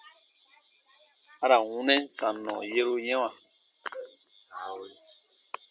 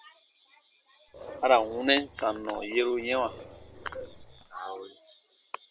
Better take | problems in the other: first | background sound (Dog); 16 dB below the speech

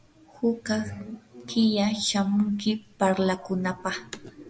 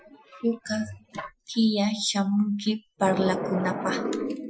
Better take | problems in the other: first | noise reduction (classical method Wiener filter)

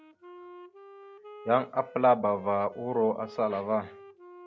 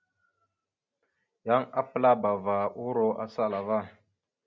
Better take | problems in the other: second | background sound (Wind instrument, woodwind instrument); 19 dB below the speech

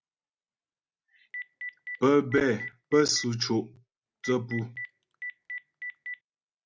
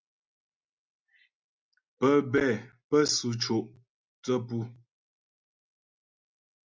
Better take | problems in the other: second | background sound (Telephone); 11 dB below the speech

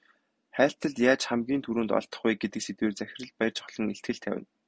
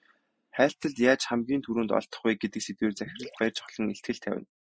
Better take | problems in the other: first | noise reduction (classical method Wiener filter)

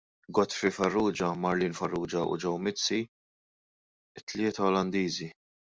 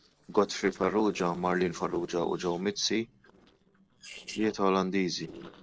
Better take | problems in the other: first | noise reduction (neural separator model SepFormer DNS4)

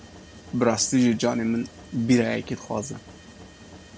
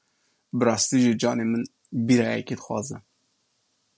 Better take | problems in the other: second | background sound (Mechanisms); 20 dB below the speech

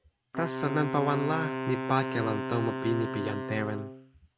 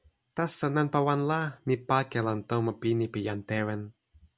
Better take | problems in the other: second | background sound (Wind instrument, woodwind instrument); 4 dB below the speech

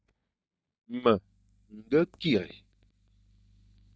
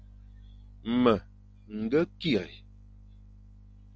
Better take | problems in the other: second | noise reduction (neural mask model DeepFilterNet 3)

